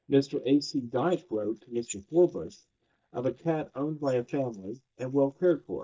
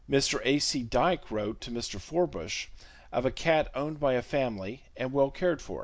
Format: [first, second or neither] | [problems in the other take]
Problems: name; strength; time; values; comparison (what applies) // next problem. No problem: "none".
second | noise reduction (neural mask model DeepFilterNet 3)